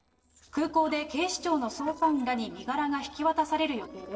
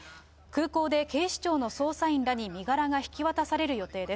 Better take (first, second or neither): second